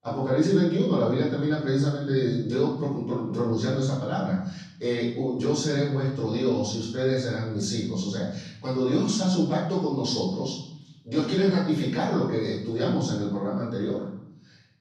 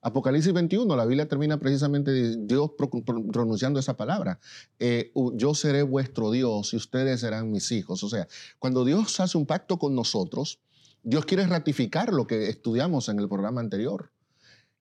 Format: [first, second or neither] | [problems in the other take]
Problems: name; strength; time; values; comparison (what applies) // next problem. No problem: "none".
second | room echo; noticeable; dies away in 0.6 s // off-mic speech; far